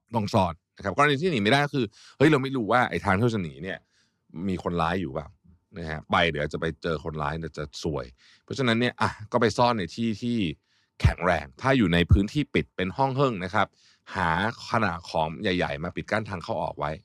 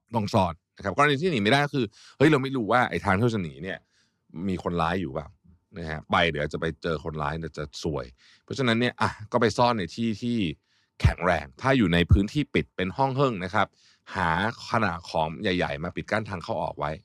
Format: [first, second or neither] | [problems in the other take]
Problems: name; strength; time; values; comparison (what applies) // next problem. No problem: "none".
neither | none